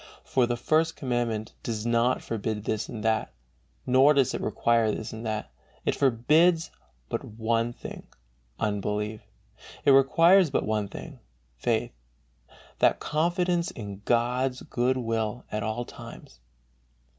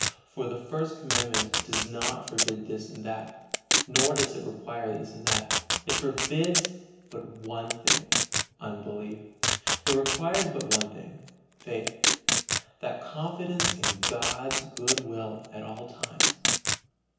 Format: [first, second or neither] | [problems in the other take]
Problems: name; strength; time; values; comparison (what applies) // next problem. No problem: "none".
first | background sound (Packing tape, duct tape); 4 dB above the speech // room echo; dies away in 0.9 s